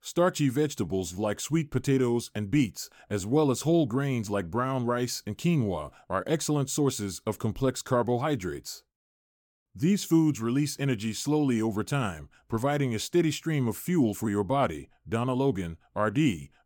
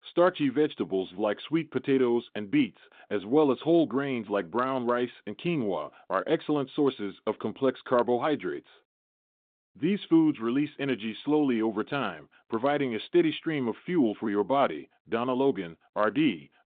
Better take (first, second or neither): first